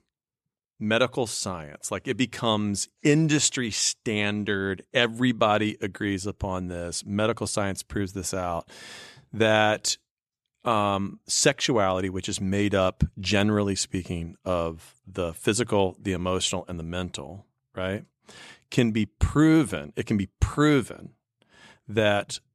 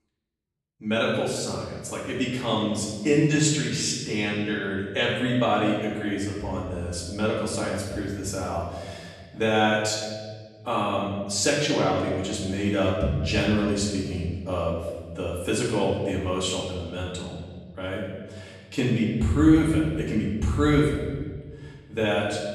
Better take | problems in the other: first | off-mic speech; far // room echo; noticeable; dies away in 1.6 s

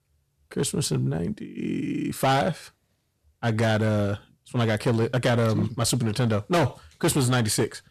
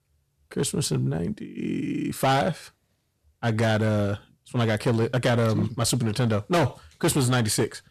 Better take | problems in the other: neither | distortion; heavy; 9% of the sound clipped; the same in both

